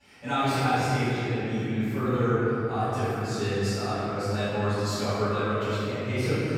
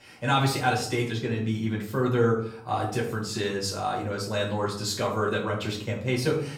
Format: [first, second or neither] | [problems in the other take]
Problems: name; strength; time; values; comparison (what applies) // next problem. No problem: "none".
second | room echo; strong; dies away in 3 s; slight in the second // off-mic speech; far; far in the second